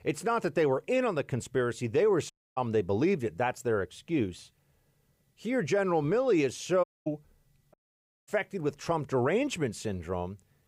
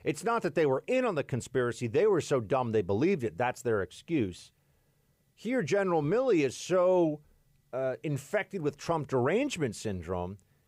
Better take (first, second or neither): second